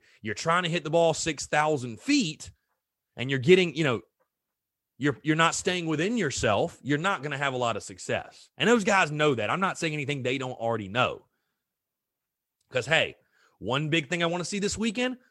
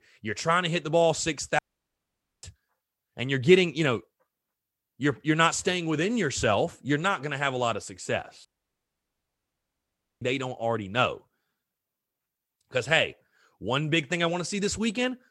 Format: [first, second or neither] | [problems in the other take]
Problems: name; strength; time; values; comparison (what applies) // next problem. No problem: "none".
first | audio cutting out; at 1.5 s for 1 s and at 8.5 s for 2 s